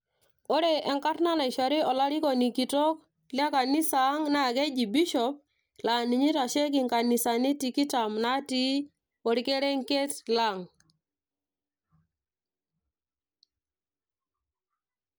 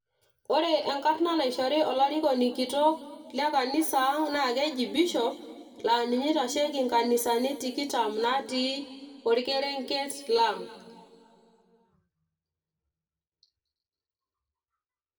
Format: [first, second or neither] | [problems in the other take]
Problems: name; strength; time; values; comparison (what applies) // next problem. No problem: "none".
first | room echo; dies away in 2 s